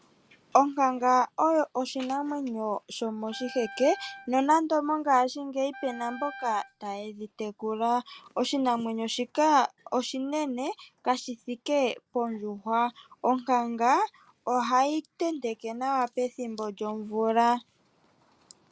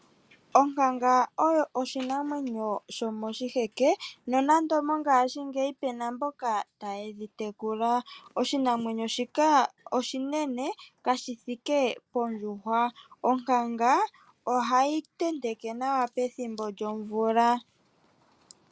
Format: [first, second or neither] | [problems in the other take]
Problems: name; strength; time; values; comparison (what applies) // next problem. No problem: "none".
second | background sound (Wind instrument, woodwind instrument); 18 dB below the speech